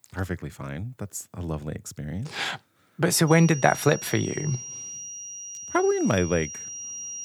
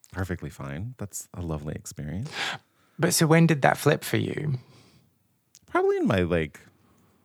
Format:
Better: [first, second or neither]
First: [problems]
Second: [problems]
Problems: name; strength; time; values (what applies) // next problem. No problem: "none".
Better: second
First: high-pitched whine; loud; from 3.5 s on; 5.5 kHz, 9 dB below the speech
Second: none